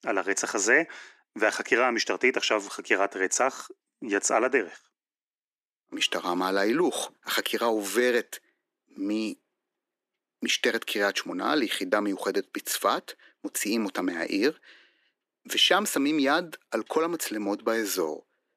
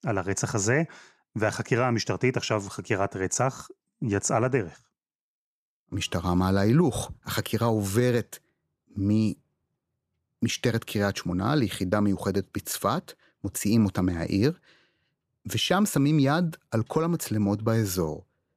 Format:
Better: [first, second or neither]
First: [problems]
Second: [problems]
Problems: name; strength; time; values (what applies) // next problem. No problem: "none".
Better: second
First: thin; somewhat; fading below 300 Hz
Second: none